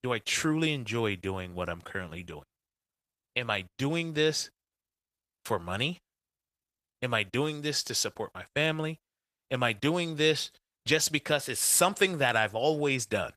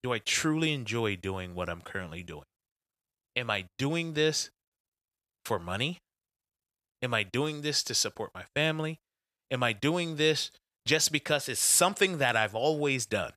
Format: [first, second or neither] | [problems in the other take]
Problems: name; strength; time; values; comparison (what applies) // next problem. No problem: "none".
second | garbled, watery; slightly; nothing above 14.5 kHz